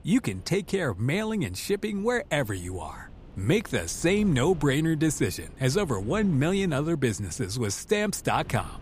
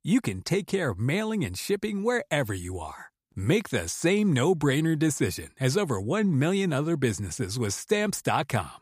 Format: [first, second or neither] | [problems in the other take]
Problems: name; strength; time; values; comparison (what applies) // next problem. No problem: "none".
second | wind noise on the microphone; occasional gusts; 25 dB below the speech